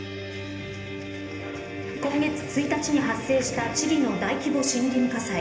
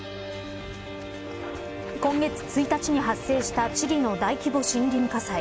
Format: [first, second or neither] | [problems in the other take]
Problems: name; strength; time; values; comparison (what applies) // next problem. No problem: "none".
second | room echo; dies away in 0.8 s